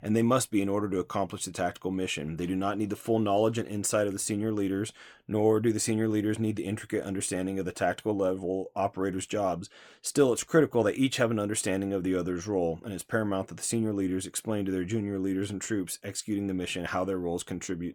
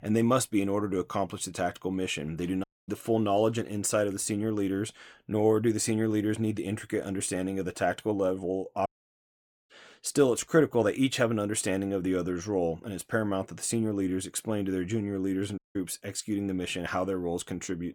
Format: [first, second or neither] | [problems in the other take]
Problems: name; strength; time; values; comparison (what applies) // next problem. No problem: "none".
first | audio cutting out; at 2.5 s, at 9 s for 1 s and at 16 s